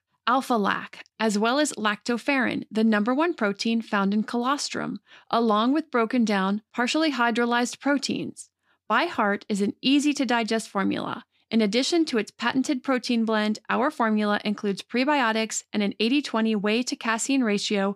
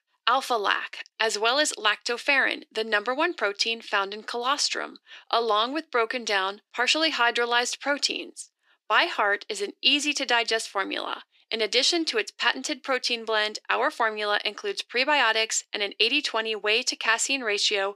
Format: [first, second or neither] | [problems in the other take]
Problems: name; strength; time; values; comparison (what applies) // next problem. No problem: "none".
first | thin; very; fading below 350 Hz